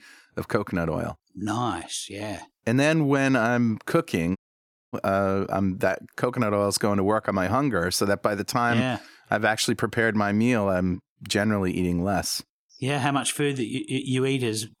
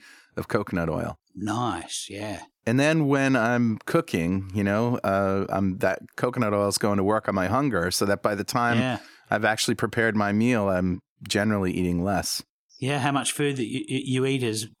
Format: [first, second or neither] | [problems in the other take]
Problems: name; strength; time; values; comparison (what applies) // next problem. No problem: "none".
second | audio cutting out; at 4.5 s for 0.5 s